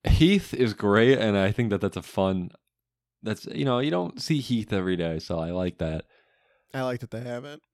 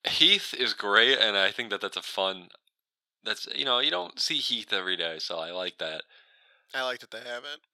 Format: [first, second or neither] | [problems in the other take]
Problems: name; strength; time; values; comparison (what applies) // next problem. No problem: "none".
first | thin; very; fading below 600 Hz